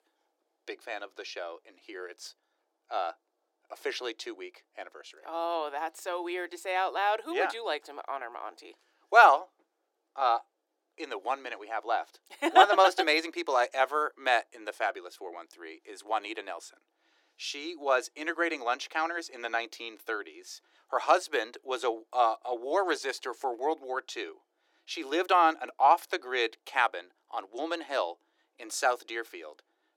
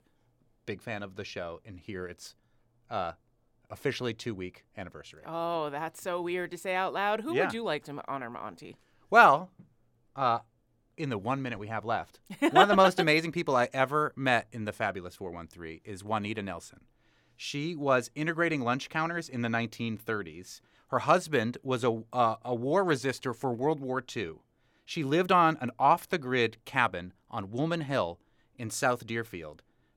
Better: second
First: thin; very; fading below 300 Hz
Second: none

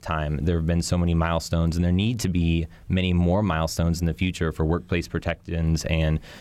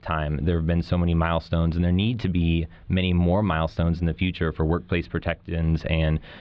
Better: first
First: none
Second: muffled; slightly; fading above 4 kHz

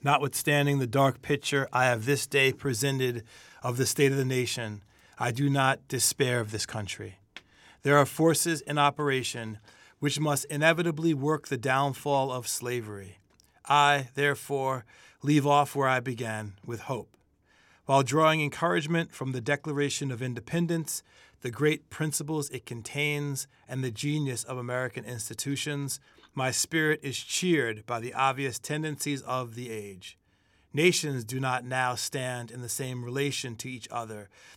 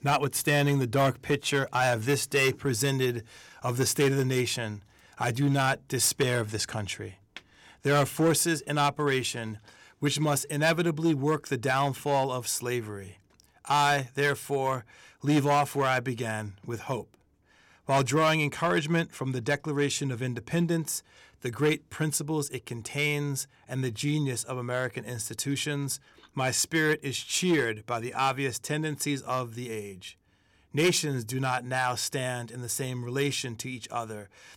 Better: first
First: none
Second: distortion; slight; 3% of the sound clipped

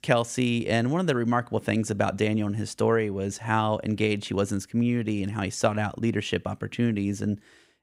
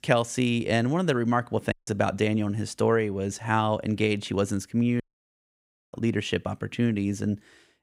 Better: first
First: none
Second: audio cutting out; at 1.5 s and at 5 s for 1 s

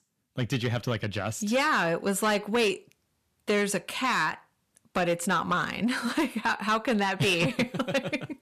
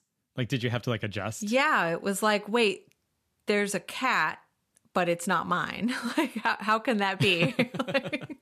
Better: second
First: distortion; slight; 10 dB below the speech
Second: none

